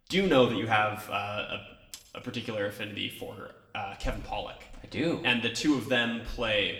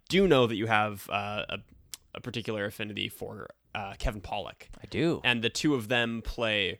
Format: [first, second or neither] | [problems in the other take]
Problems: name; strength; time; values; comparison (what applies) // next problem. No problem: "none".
second | room echo; slight; dies away in 0.9 s // off-mic speech; somewhat distant